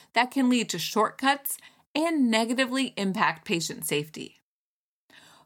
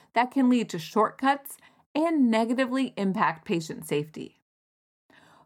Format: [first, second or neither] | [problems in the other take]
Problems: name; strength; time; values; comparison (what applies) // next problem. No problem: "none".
first | muffled; slightly; fading above 2 kHz